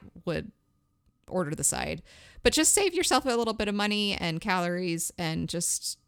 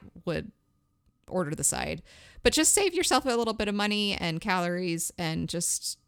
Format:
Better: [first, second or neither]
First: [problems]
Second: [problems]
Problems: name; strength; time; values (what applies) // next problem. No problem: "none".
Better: neither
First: none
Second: none